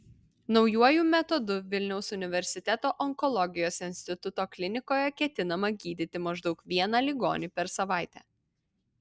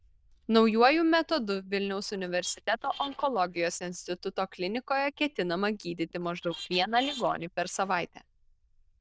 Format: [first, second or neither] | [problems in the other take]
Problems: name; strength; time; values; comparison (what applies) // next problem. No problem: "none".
first | noise reduction (neural diffusion model UNIVERSE++)